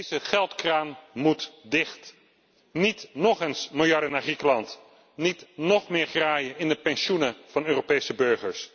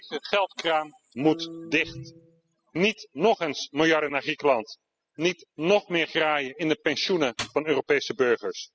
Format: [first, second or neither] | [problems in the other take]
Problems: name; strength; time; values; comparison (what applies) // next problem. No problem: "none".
first | noise reduction (classical method spectral subtraction)